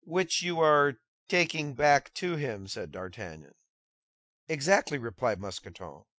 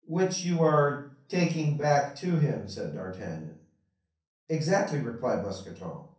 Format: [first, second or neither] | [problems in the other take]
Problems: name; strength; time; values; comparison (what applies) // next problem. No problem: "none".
first | room echo; dies away in 0.6 s